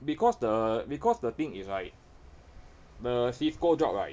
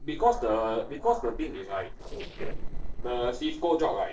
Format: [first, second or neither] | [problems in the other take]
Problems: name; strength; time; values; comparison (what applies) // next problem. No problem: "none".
first | noise reduction (neural separator model SepFormer DNS4)